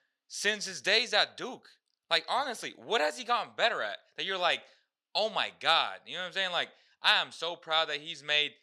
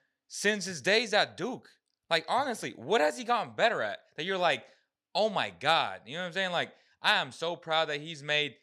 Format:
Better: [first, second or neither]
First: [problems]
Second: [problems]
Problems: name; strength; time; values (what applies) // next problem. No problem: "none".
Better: second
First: thin; very slightly; fading below 400 Hz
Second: none